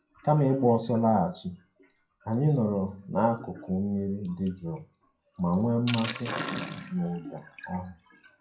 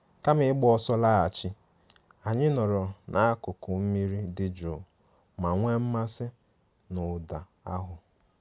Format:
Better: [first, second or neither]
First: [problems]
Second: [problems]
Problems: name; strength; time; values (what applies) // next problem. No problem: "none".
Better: second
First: noise reduction (classical method WPE with log-MMSE)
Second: none